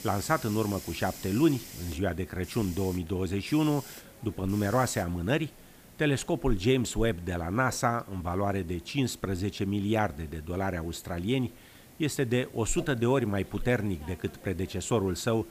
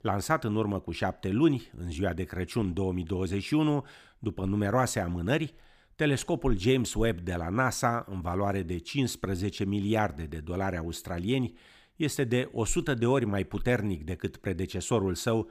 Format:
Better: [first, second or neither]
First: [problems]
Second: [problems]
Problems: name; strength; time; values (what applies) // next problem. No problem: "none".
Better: second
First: hiss; noticeable; throughout; 20 dB below the speech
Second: none